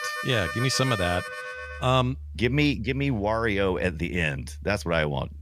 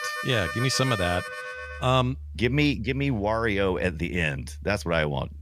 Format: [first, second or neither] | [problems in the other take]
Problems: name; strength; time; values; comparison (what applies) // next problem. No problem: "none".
neither | background music; noticeable; throughout; 10 dB below the speech; the same in both